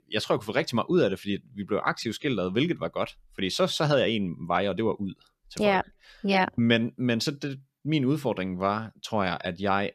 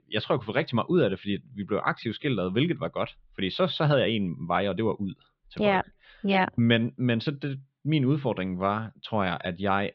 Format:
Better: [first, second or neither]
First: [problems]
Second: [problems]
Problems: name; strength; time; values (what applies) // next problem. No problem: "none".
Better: first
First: none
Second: muffled; slightly; fading above 3.5 kHz